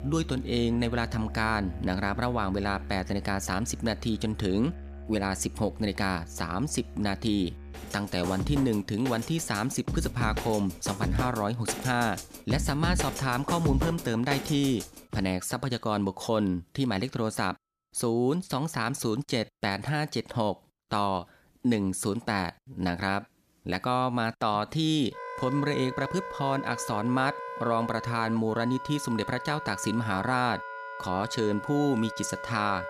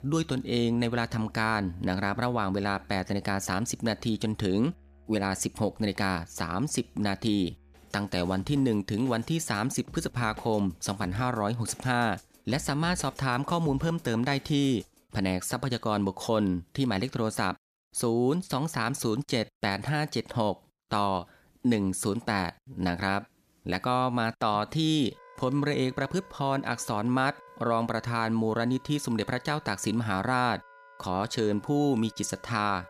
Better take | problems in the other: second | background music; loud; throughout; 9 dB below the speech; faint in the second

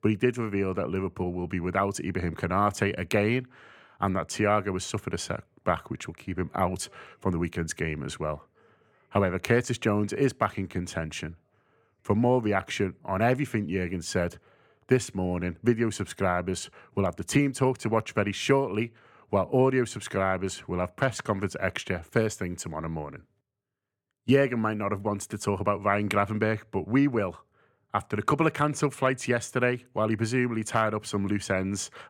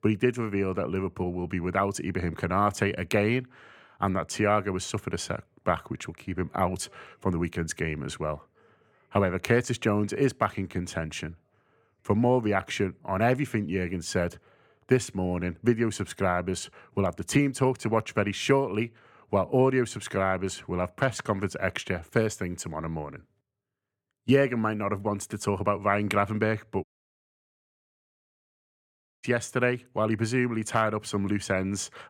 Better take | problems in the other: first | audio cutting out; at 27 s for 2.5 s

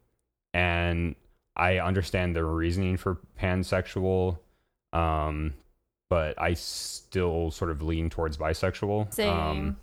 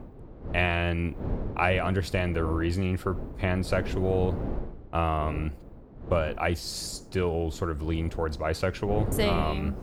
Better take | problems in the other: first | wind noise on the microphone; occasional gusts; 15 dB below the speech

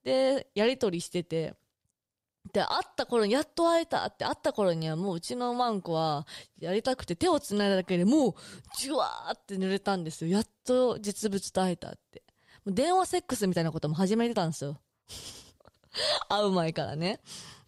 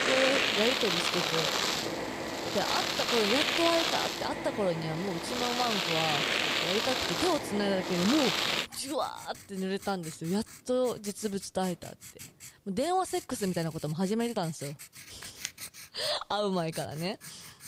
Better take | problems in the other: first | household noises; very loud; throughout; 3 dB above the speech

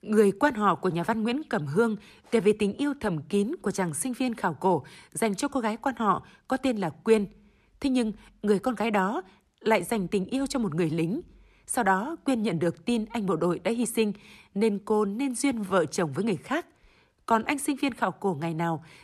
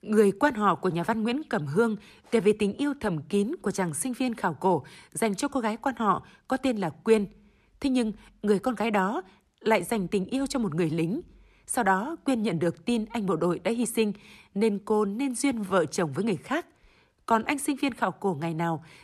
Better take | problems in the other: neither | none

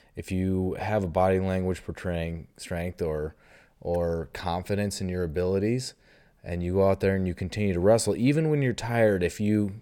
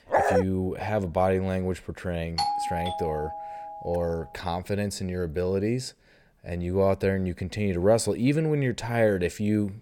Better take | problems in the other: first | dog barking; loud; at the start; peak 4 dB above the speech // doorbell; noticeable; from 2.5 to 4 s; peak level with the speech

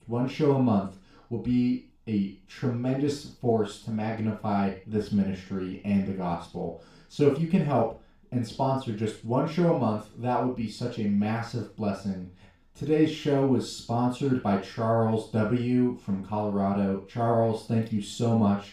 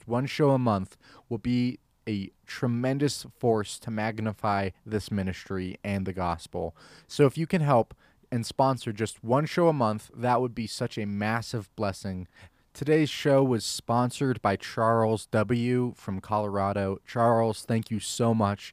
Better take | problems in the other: second | room echo; noticeable; dies away in 0.4 s // off-mic speech; far

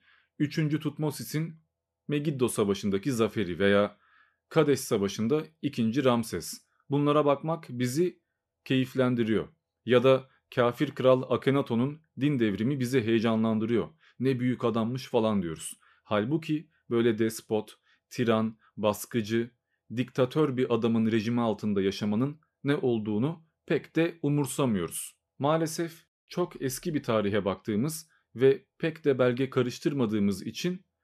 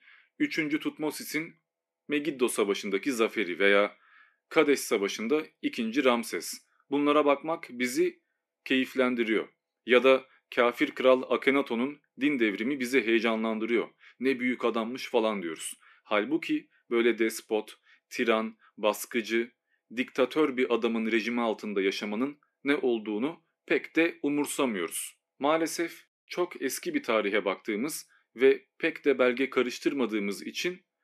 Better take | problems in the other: first | thin; very slightly; fading below 250 Hz

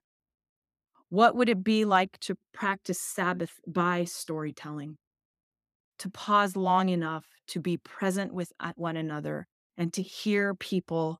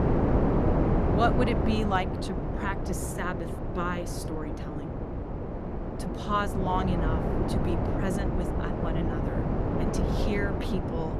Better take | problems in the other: first | wind noise on the microphone; heavy; 1 dB below the speech

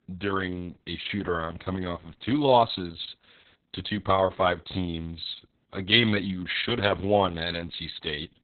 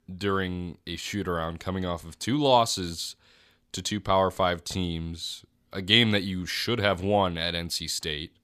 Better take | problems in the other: second | garbled, watery; badly; nothing above 4 kHz

